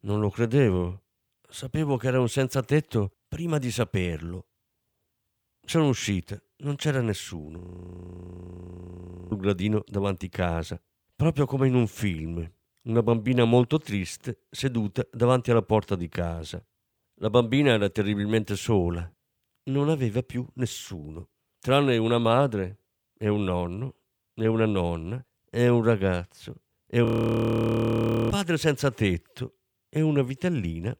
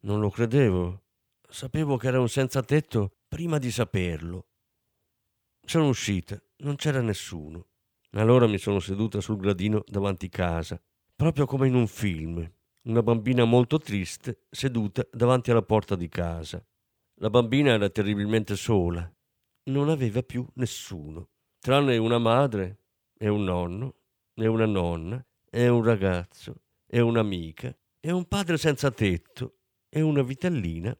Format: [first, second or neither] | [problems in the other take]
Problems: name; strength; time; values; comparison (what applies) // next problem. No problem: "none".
second | audio freezing; at 7.5 s for 1.5 s and at 27 s for 1.5 s